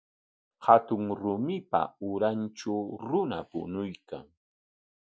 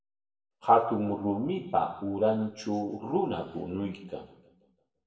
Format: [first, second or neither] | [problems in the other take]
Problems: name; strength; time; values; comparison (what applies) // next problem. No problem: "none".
first | room echo; dies away in 0.8 s